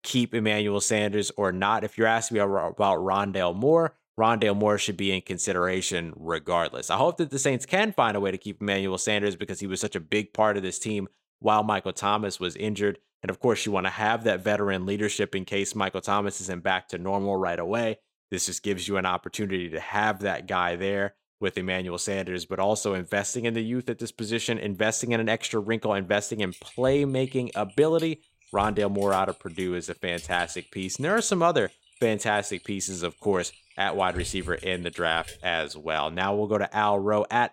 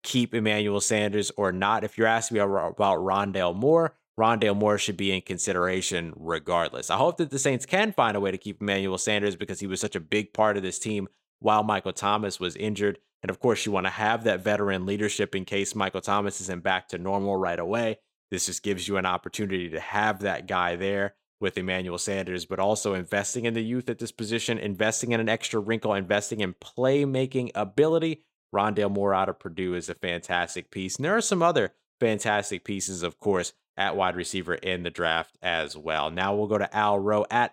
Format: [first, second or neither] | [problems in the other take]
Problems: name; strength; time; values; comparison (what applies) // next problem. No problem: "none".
second | keyboard typing; faint; from 27 to 35 s; peak 10 dB below the speech